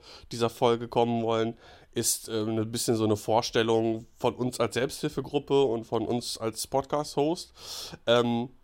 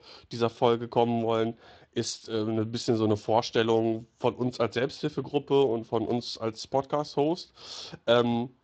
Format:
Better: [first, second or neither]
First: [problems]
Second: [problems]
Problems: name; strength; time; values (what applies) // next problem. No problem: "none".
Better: first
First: none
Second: garbled, watery; slightly; nothing above 7.5 kHz